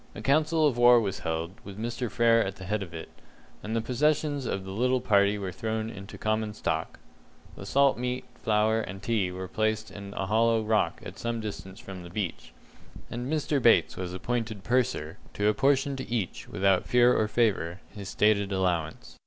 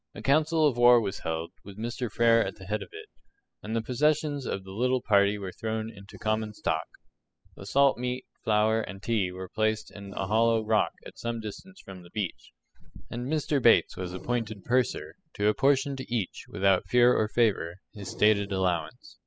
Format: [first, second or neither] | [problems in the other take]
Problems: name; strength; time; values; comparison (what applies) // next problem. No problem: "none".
first | noise reduction (classical method spectral subtraction)